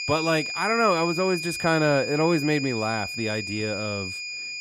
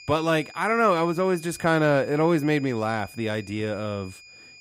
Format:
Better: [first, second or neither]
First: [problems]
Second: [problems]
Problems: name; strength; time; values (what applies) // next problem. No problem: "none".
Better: second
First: high-pitched whine; loud; throughout; 2.5 kHz, 5 dB below the speech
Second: high-pitched whine; faint; throughout; 2.5 kHz, 20 dB below the speech